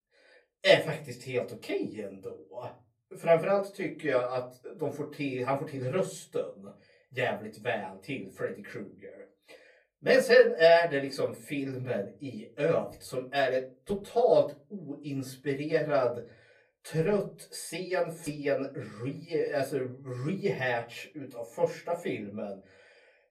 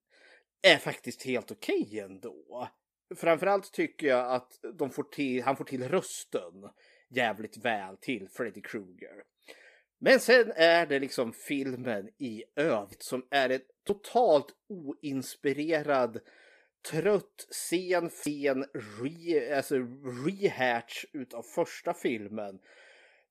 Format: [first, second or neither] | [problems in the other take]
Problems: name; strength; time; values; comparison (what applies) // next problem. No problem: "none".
second | off-mic speech; far // room echo; very slight; dies away in 0.4 s